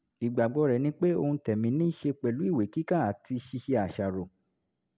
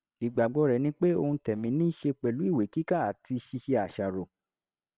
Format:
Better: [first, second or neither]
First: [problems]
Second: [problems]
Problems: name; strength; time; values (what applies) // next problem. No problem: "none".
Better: first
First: none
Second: noise reduction (neural separator model SepFormer WHAM!)